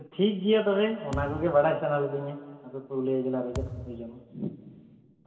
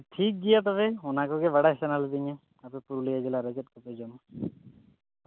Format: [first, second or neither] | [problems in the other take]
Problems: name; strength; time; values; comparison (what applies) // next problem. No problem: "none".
second | background sound (Thump, thud); 13 dB below the speech // room echo; dies away in 2.8 s